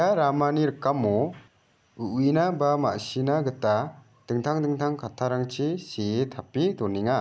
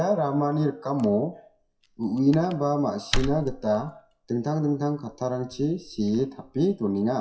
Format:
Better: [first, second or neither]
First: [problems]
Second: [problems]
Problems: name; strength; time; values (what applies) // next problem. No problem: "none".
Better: first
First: none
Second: noise reduction (classical method WPE with log-MMSE)